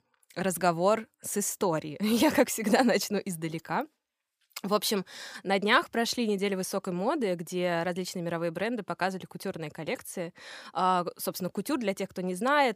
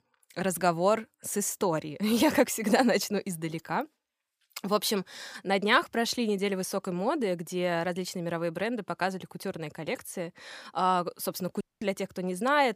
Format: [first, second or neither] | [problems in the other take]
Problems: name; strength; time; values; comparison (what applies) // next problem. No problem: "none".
first | audio cutting out; at 12 s